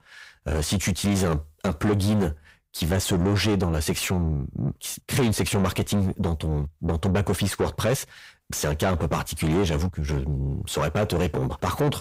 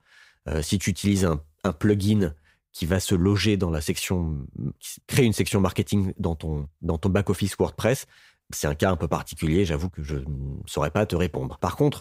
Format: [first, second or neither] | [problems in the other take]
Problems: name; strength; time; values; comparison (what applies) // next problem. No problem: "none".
second | distortion; heavy; 7 dB below the speech